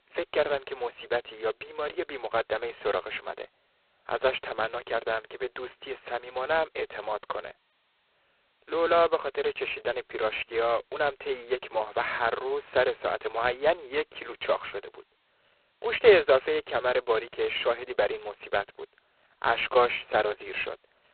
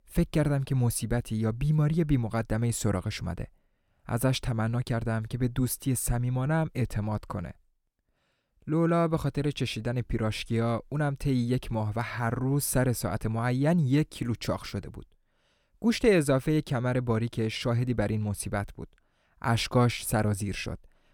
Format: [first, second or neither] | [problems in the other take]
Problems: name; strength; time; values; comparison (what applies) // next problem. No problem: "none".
second | phone-call audio; poor line; nothing above 4 kHz